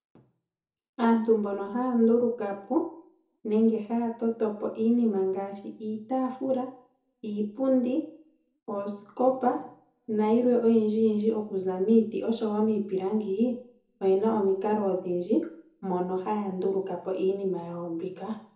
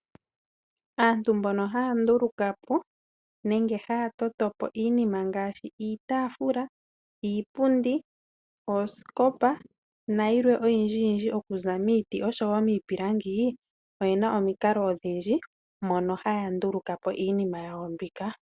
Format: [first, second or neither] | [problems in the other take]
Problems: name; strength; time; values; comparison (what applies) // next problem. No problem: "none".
second | room echo; dies away in 0.6 s